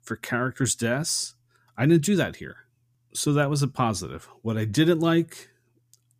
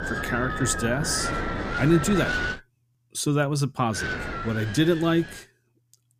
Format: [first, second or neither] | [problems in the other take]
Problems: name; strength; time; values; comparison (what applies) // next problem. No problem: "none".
first | wind noise on the microphone; heavy; until 2.5 s and from 4 to 5.5 s; 2 dB below the speech